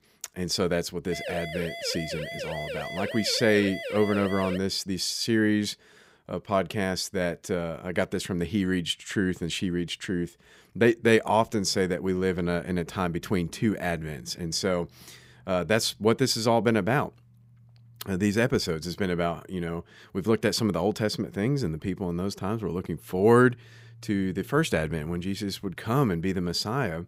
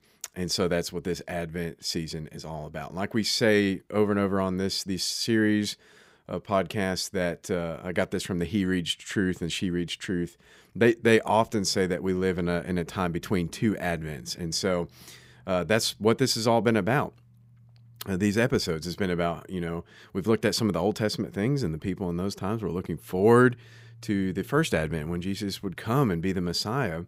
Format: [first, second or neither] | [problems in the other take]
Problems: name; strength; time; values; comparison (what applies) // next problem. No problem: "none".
second | siren; noticeable; from 1 to 4.5 s; peak 7 dB below the speech